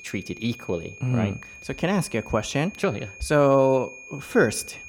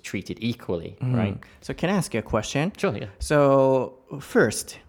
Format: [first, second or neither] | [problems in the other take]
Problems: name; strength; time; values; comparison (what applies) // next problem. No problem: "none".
second | high-pitched whine; noticeable; throughout; 2.5 kHz, 15 dB below the speech